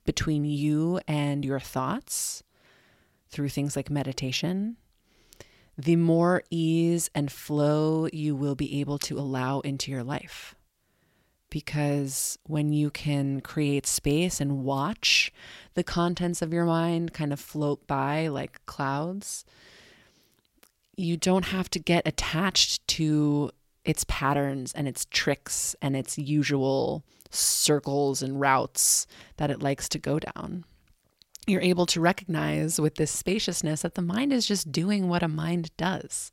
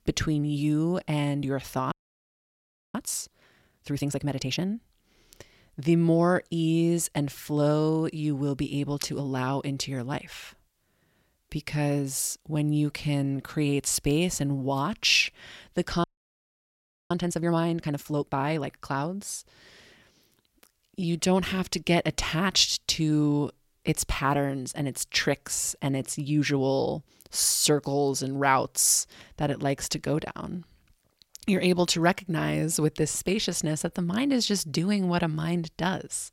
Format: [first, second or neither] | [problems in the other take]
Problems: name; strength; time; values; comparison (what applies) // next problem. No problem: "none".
first | audio freezing; at 2 s for 1 s and at 16 s for 1 s